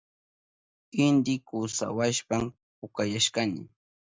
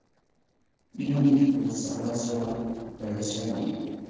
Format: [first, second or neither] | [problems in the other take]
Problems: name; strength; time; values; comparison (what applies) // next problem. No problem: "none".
first | noise reduction (neural separator model SepFormer DNS4)